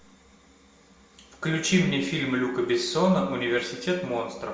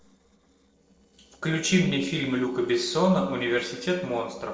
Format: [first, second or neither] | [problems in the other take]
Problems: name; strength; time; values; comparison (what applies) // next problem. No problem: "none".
first | noise reduction (neural separator model SepFormer DNS4)